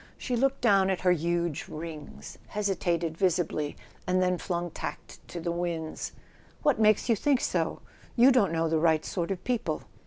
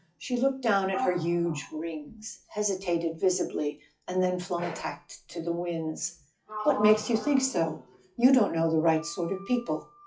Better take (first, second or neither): first